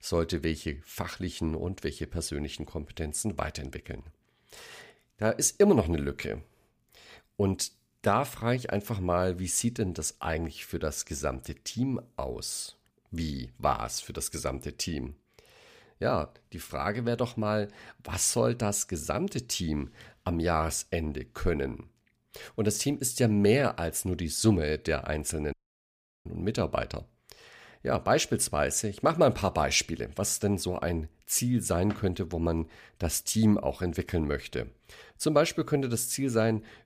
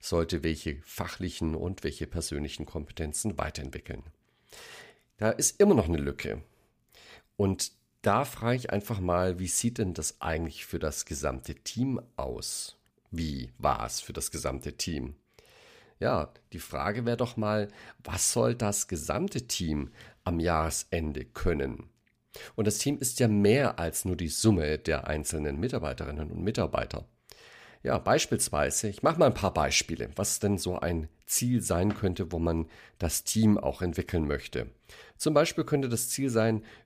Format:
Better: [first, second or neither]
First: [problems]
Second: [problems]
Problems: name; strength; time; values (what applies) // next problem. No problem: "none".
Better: second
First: audio cutting out; at 26 s for 0.5 s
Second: none